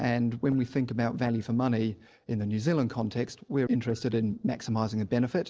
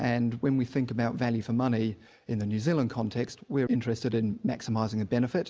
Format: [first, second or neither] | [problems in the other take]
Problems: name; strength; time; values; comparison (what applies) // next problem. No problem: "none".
second | noise reduction (neural separator model SepFormer DNS4)